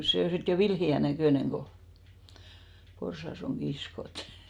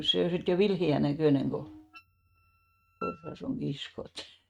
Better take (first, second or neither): first